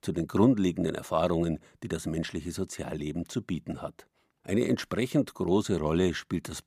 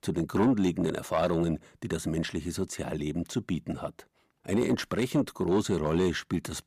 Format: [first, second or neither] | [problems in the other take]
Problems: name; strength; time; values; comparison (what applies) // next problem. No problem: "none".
first | distortion; slight; 10 dB below the speech